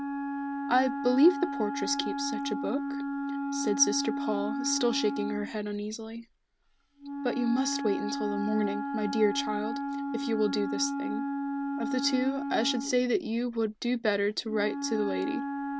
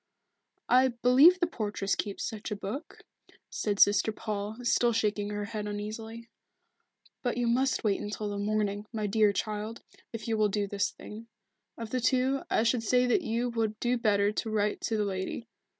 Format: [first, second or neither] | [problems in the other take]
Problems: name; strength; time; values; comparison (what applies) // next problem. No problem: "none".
second | background sound (Wind instrument, woodwind instrument); 3 dB below the speech